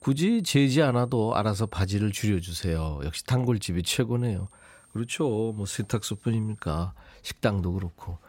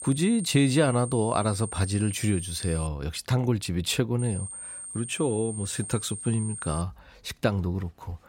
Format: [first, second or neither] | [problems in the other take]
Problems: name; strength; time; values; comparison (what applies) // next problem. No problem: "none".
first | high-pitched whine; loud; until 3 s and from 4 to 7 s; 8.5 kHz, 9 dB below the speech; faint in the first